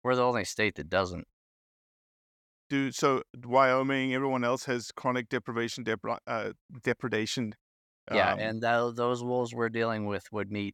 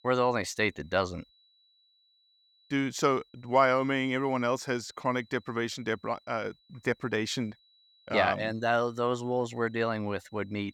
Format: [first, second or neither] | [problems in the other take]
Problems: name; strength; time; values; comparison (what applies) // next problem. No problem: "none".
first | high-pitched whine; faint; throughout; 4 kHz, 35 dB below the speech